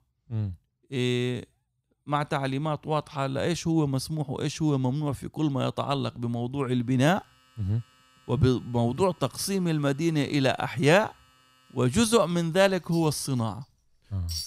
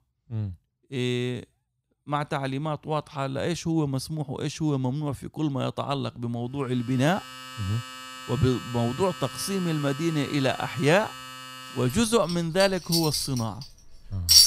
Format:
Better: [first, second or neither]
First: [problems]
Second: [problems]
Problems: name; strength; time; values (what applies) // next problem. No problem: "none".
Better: first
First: household noises; faint; from 7 s on; 25 dB below the speech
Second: household noises; loud; from 7 s on; 4 dB below the speech